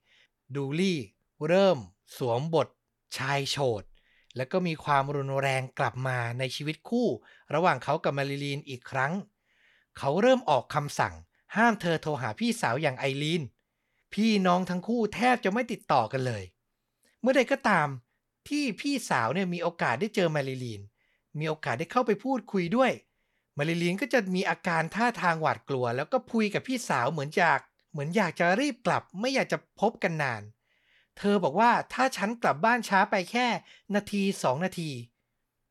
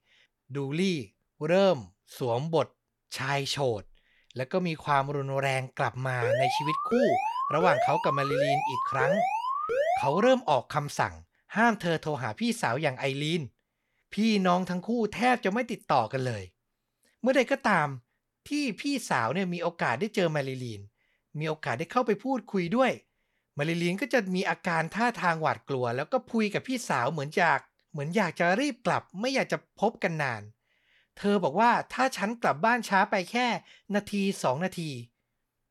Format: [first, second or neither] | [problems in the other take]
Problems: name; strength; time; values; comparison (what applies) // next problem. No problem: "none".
first | alarm; loud; from 6 to 10 s; peak 1 dB above the speech